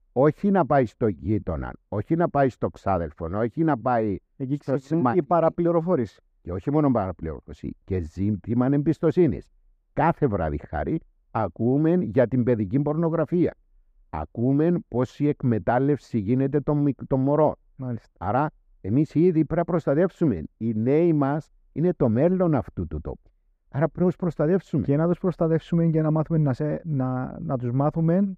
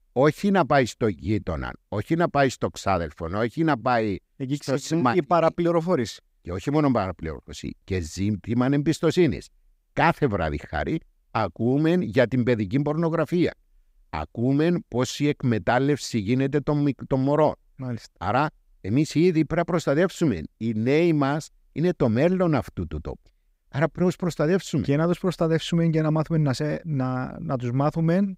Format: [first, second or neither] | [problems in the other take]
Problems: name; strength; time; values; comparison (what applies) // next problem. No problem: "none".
second | muffled; very; fading above 2 kHz